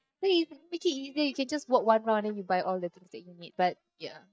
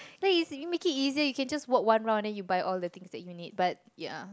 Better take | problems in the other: second | noise reduction (neural mask model DeepFilterNet 3)

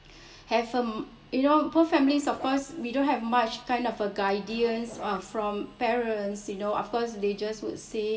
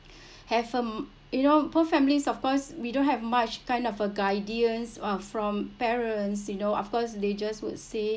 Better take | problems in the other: second | background sound (Zipper (clothing)); 19 dB below the speech // room echo; dies away in 2.4 s

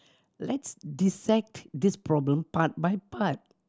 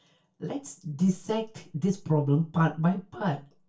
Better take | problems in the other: first | room echo; dies away in 0.2 s

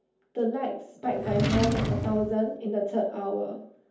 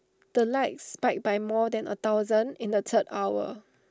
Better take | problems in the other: second | background sound (Drawer open or close); as loud as the speech // room echo; dies away in 0.6 s

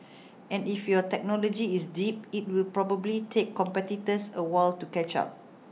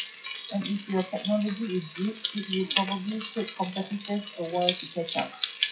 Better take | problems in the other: first | noise reduction (classical method WPE with log-MMSE)

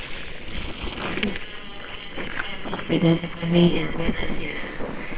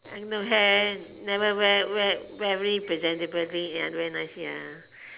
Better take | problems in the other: second | noise reduction (neural separator model SepFormer WHAMR!)

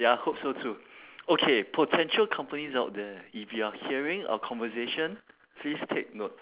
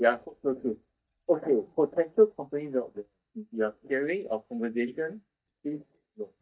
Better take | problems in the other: first | noise reduction (neural mask model DeepFilterNet 3)

